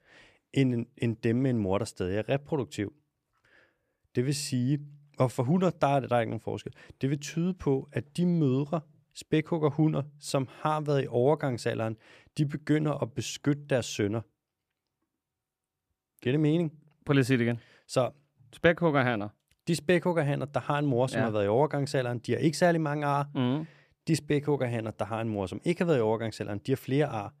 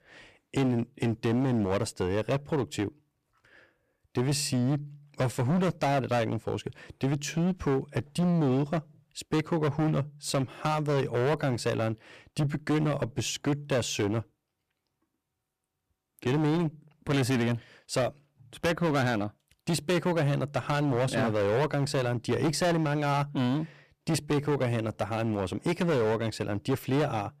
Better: first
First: none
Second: distortion; heavy; 15% of the sound clipped

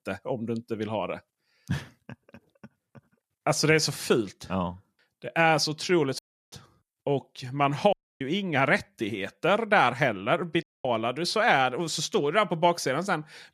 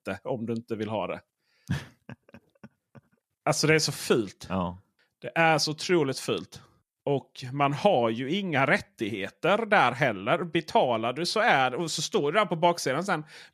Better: second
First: audio cutting out; at 6 s, at 8 s and at 11 s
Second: none

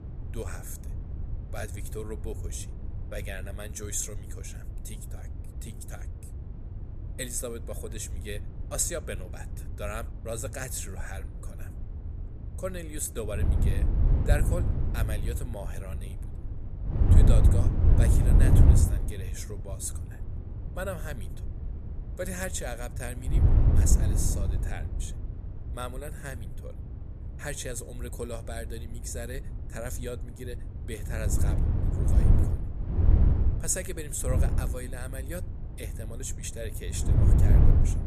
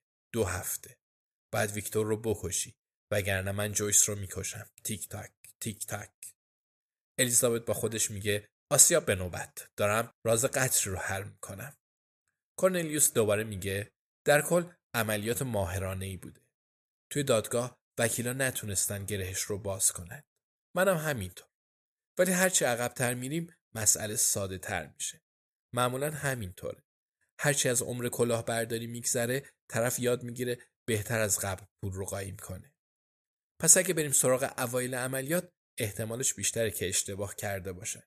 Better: second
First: wind noise on the microphone; heavy; 3 dB below the speech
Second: none

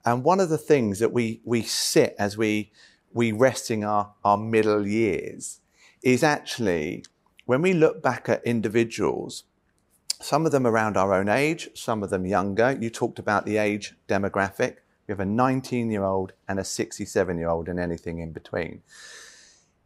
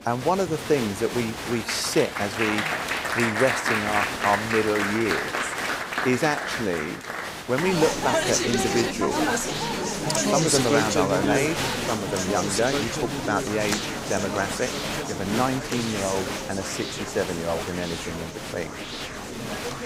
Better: first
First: none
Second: crowd noise; very loud; throughout; as loud as the speech

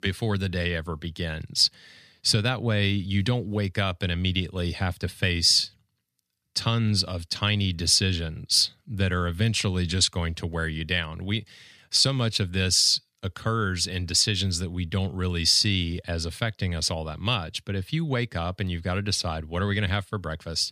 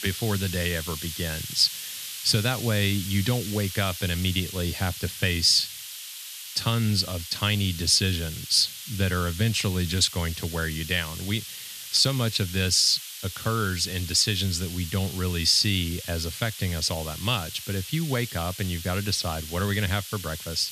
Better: first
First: none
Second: hiss; loud; throughout; 10 dB below the speech

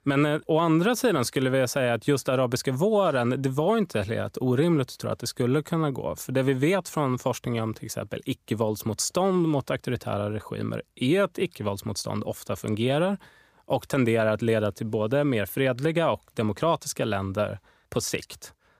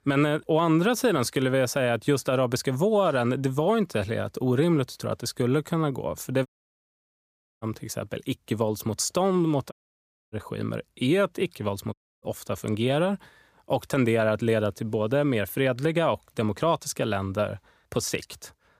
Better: first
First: none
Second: audio cutting out; at 6.5 s for 1 s, at 9.5 s for 0.5 s and at 12 s

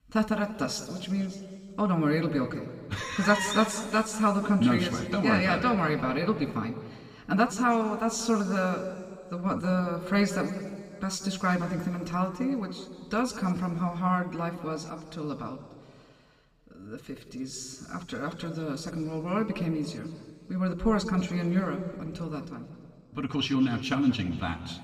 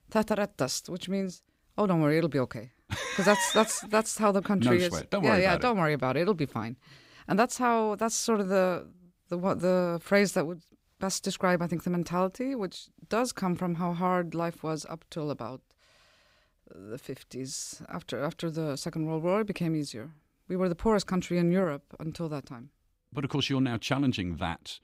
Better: second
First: room echo; slight; dies away in 2.1 s // off-mic speech; somewhat distant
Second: none

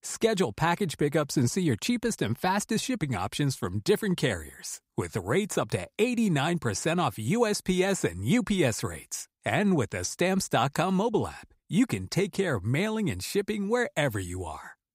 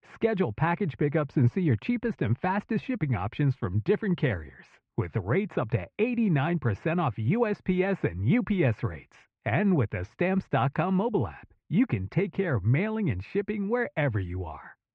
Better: first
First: none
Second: muffled; very; fading above 2.5 kHz

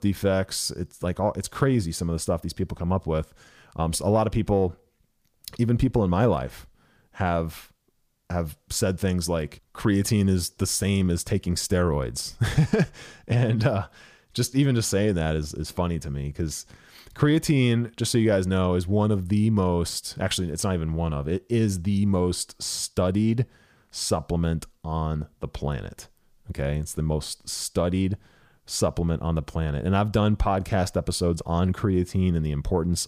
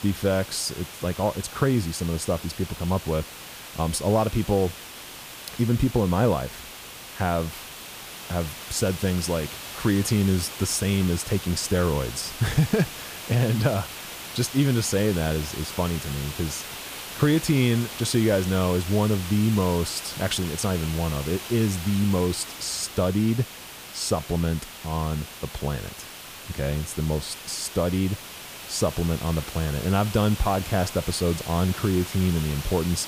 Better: first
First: none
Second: hiss; noticeable; throughout; 10 dB below the speech

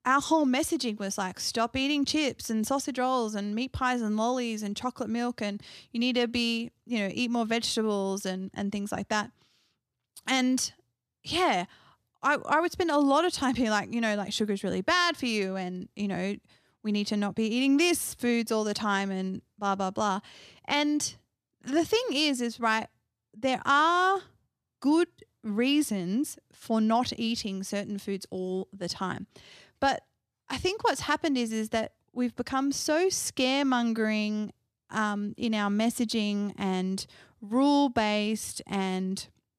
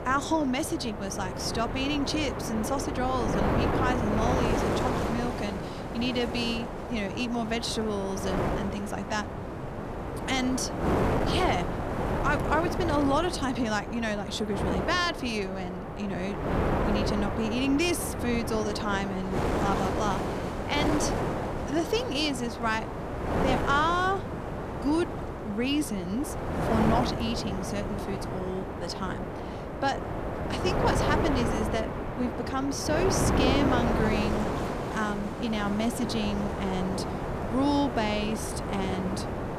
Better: first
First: none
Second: wind noise on the microphone; heavy; 2 dB below the speech

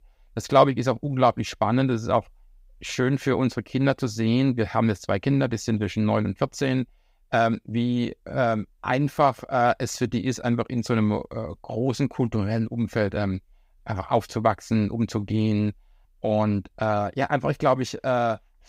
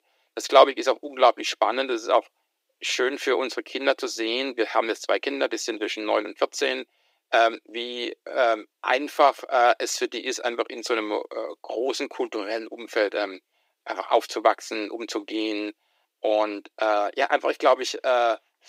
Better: first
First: none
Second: thin; very; fading below 300 Hz

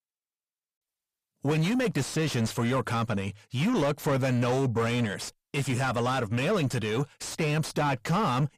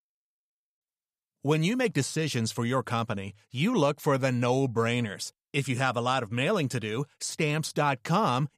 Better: second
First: distortion; heavy; 8 dB below the speech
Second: none

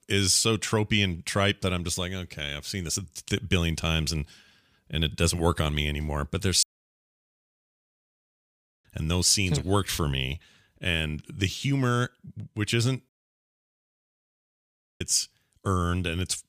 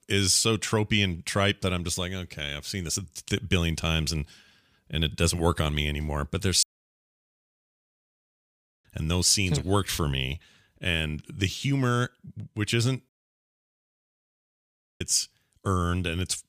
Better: neither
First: audio cutting out; at 6.5 s for 2 s and at 13 s for 2 s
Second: audio cutting out; at 6.5 s for 2 s and at 13 s for 2 s

